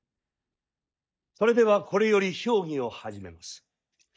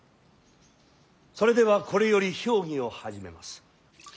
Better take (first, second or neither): second